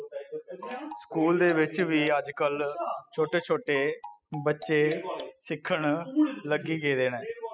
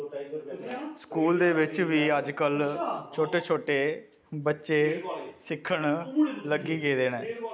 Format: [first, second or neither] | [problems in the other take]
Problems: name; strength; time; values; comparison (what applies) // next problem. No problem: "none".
second | noise reduction (classical method spectral subtraction)